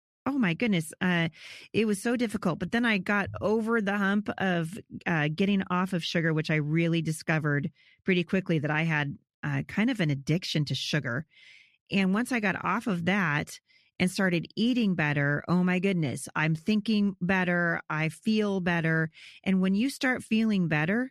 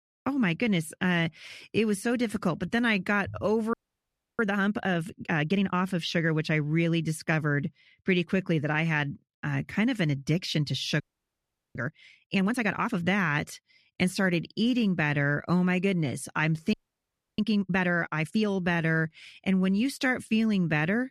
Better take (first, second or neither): first